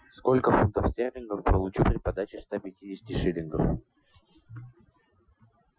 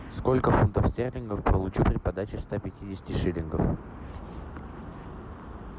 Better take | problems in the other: second | noise reduction (classical method Wiener filter)

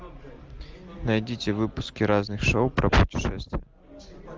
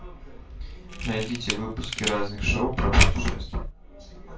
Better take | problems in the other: first | background sound (Camera); 7 dB below the speech // room echo; dies away in 0.3 s

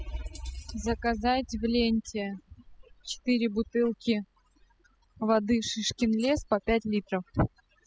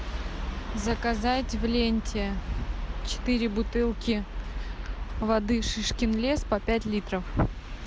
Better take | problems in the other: second | noise reduction (classical method spectral subtraction)

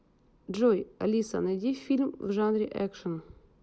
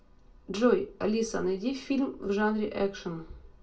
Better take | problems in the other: first | room echo; dies away in 0.2 s

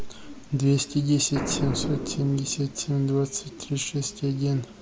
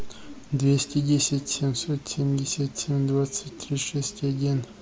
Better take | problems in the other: second | background sound (Boom); 11 dB below the speech

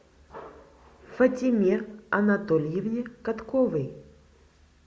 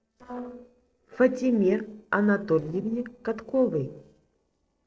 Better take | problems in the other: first | noise reduction (neural separator model SepFormer DNS4)

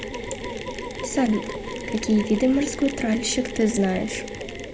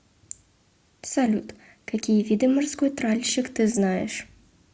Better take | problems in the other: second | background sound (Mechanisms); 7 dB below the speech

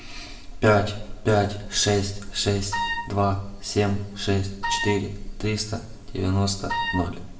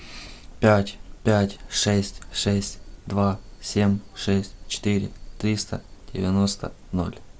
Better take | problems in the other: second | background sound (Wind instrument, woodwind instrument); 5 dB below the speech // room echo; dies away in 0.7 s

